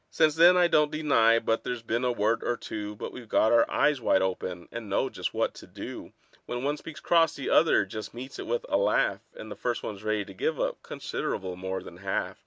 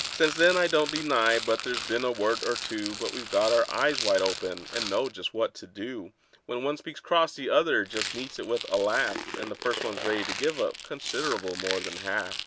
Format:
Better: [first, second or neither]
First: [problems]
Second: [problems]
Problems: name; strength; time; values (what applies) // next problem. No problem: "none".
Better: first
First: none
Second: background sound (Rattle); 9 dB below the speech